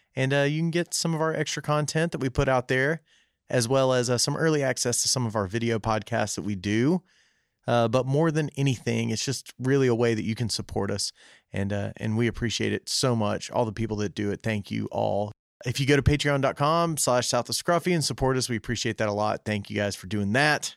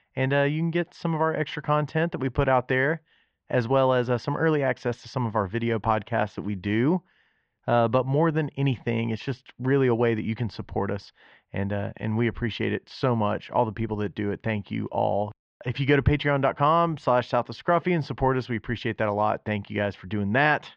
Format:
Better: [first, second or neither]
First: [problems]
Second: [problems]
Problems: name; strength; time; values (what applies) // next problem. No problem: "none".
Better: first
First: none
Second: muffled; very; fading above 3 kHz